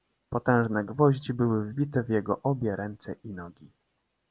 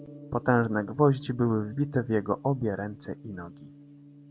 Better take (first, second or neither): first